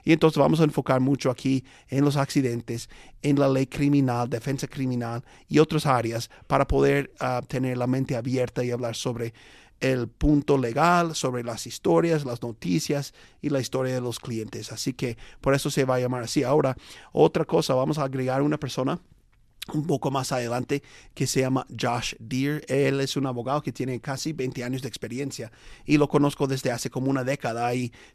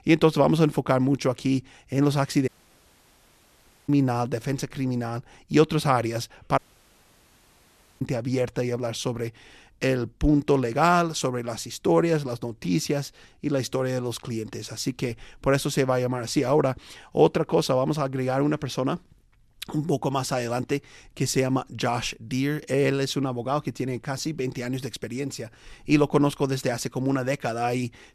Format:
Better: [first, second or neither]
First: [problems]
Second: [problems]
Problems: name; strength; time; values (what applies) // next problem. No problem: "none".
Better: first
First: none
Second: audio cutting out; at 2.5 s for 1.5 s and at 6.5 s for 1.5 s